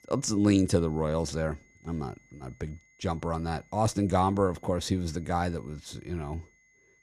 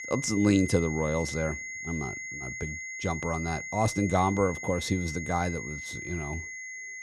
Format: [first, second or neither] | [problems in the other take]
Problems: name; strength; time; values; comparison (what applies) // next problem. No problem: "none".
first | high-pitched whine; loud; throughout; 2 kHz, 7 dB below the speech; faint in the first